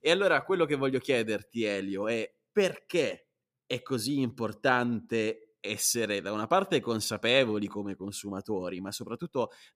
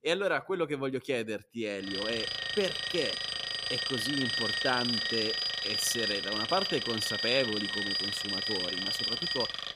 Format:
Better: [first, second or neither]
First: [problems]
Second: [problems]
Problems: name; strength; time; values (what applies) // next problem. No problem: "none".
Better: first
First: none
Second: alarm; loud; from 2 s on; peak 5 dB above the speech